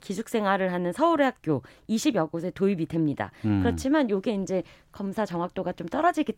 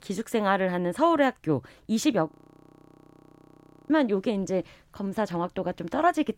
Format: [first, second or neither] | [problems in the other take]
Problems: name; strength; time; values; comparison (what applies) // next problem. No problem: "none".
first | audio freezing; at 2.5 s for 1.5 s